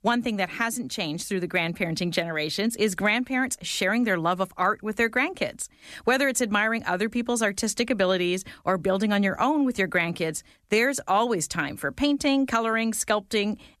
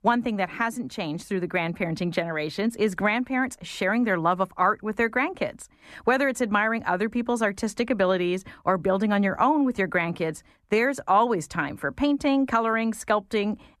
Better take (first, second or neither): first